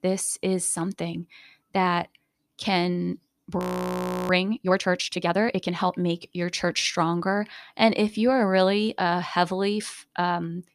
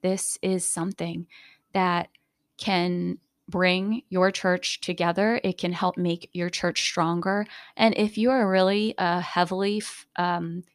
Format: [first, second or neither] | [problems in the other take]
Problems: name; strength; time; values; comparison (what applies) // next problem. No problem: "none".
second | audio freezing; at 3.5 s for 0.5 s